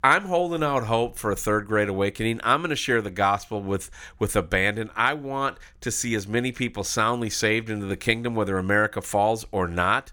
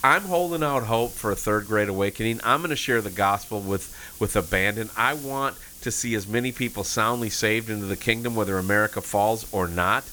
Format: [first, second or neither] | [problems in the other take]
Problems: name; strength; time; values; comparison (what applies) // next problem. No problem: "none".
first | hiss; noticeable; throughout; 15 dB below the speech